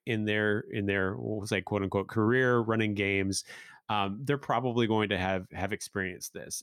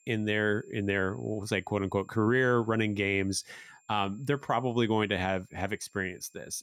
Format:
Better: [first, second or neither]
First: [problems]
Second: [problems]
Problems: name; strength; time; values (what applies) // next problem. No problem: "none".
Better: first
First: none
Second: high-pitched whine; faint; throughout; 7.5 kHz, 35 dB below the speech